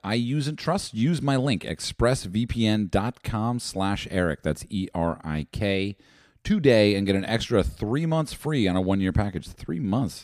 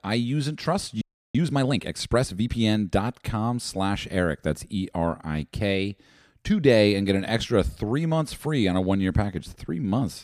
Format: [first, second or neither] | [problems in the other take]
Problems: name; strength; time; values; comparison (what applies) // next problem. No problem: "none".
first | audio freezing; at 1 s